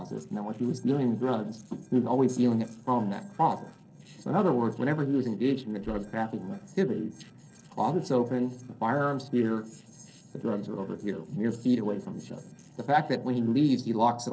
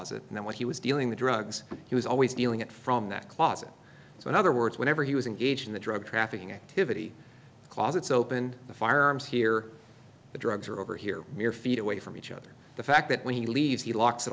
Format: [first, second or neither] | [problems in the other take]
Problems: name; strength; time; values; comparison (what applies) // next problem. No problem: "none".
second | noise reduction (neural separator model SepFormer DNS4)